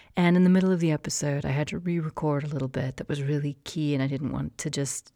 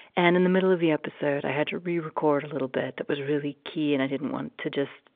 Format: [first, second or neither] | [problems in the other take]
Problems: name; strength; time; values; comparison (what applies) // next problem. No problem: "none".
first | phone-call audio; nothing above 3.5 kHz